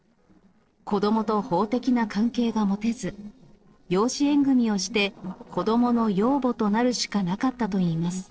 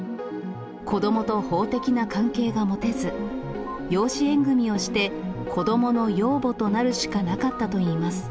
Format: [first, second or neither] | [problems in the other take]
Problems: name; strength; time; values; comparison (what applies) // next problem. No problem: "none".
second | noise reduction (neural separator model SepFormer DNS4)